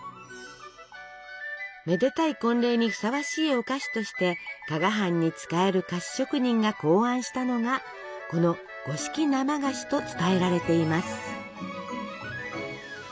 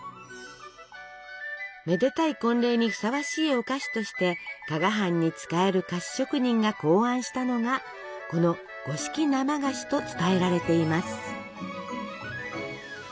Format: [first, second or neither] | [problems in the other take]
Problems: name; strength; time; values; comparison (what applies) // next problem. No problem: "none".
second | background sound (Squeak); 19 dB below the speech